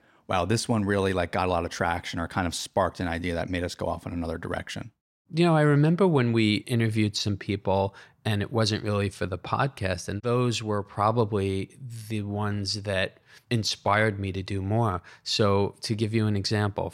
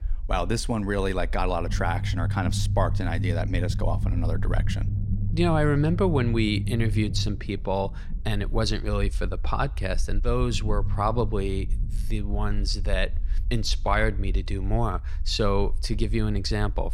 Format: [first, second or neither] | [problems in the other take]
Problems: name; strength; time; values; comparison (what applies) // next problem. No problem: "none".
first | low rumble; noticeable; throughout; 15 dB below the speech